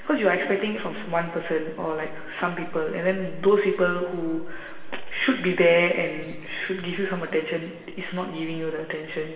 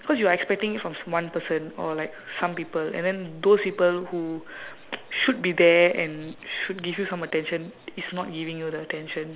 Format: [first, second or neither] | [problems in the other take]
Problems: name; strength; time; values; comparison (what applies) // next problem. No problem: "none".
second | room echo; dies away in 1.4 s